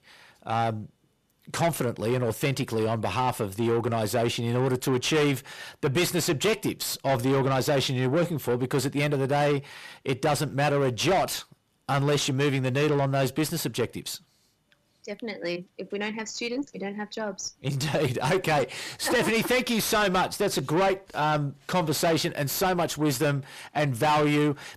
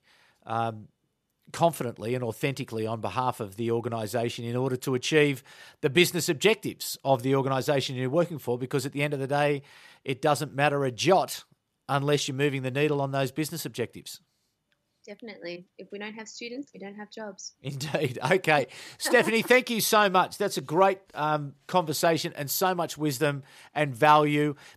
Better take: second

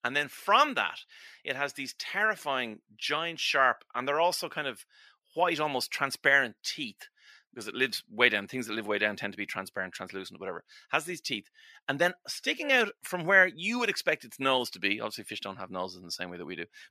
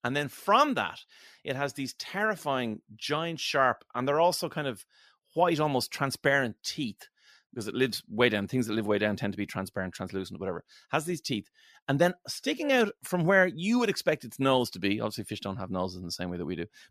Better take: second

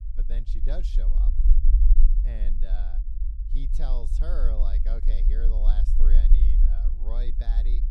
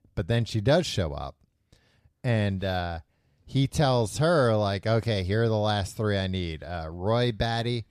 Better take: second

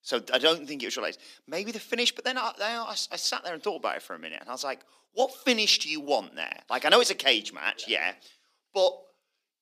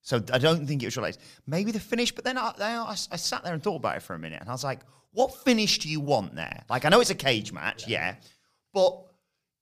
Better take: second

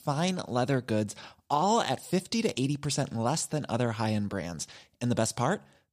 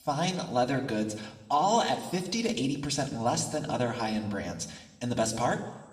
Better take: first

